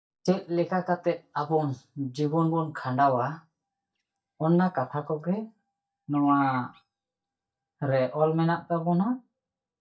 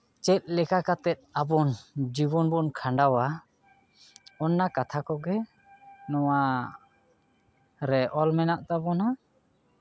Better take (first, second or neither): second